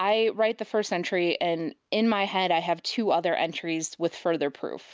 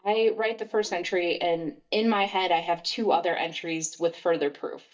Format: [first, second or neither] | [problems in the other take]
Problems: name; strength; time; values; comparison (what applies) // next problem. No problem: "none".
first | noise reduction (neural mask model DeepFilterNet 3)